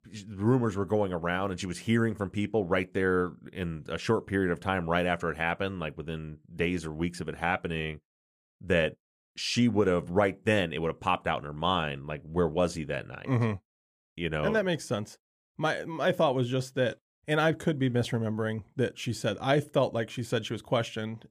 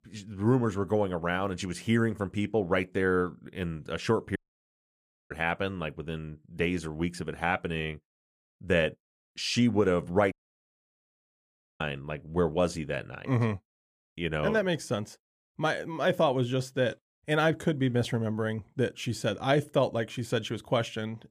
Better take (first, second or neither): first